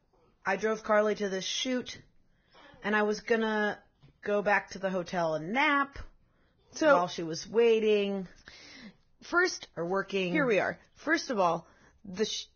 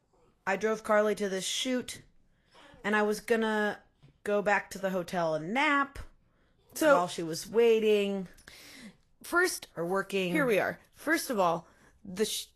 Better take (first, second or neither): second